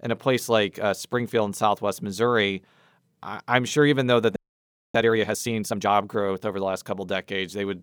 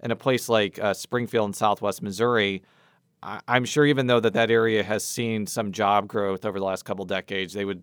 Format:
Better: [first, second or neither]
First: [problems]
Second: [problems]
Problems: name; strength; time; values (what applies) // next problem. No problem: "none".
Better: second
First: audio freezing; at 4.5 s for 0.5 s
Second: none